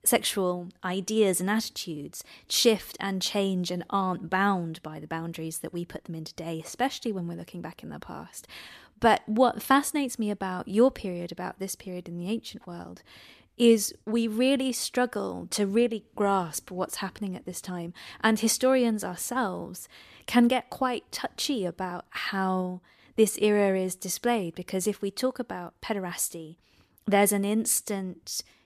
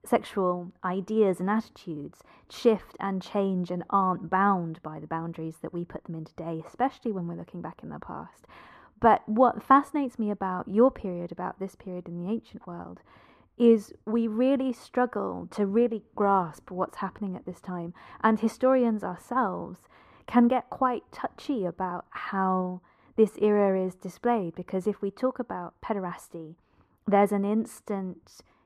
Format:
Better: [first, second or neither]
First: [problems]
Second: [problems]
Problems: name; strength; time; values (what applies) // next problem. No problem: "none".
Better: first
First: none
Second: muffled; very; fading above 2.5 kHz